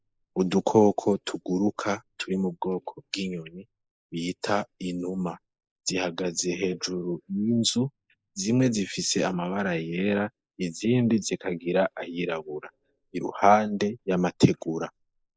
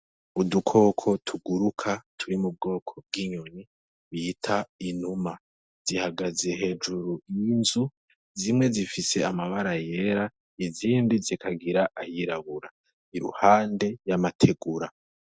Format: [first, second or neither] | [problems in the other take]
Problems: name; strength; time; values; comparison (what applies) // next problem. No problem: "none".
second | noise reduction (neural mask model Resemble Enhance denoiser)